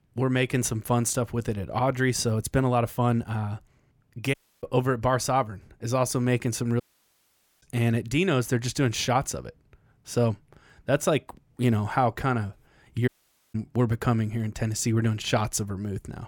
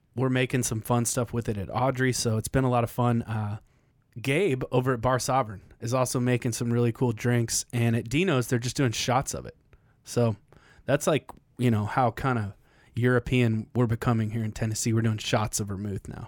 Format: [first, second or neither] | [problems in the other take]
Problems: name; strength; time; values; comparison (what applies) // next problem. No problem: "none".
second | audio cutting out; at 4.5 s, at 7 s for 1 s and at 13 s